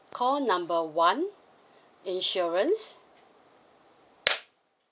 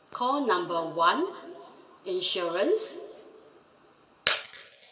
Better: first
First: none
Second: room echo; dies away in 1.7 s

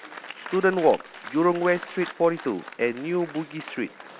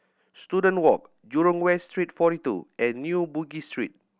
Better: second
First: background sound (Applause); 16 dB below the speech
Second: none

